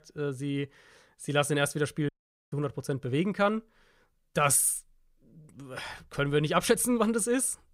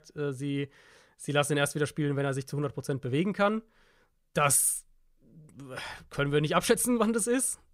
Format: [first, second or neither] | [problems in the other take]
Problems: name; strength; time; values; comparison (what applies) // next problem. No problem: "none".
second | audio cutting out; at 2 s